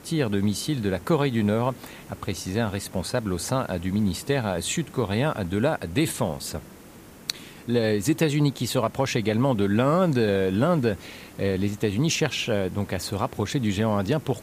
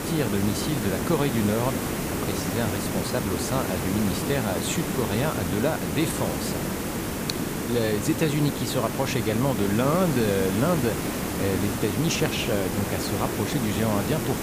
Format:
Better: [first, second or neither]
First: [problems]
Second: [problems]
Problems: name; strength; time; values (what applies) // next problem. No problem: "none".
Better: first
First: hiss; faint; throughout; 20 dB below the speech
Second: hiss; loud; throughout; 2 dB below the speech